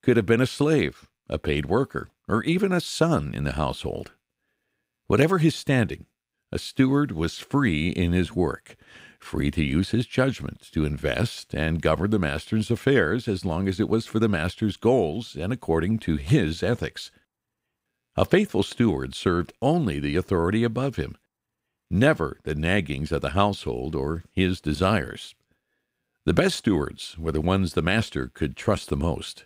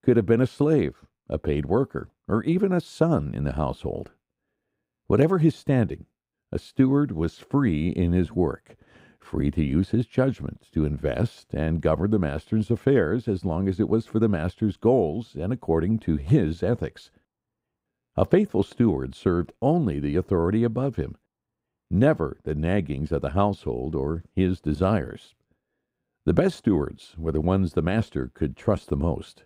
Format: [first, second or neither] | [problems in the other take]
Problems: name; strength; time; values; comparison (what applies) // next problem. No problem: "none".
first | muffled; slightly; fading above 1.5 kHz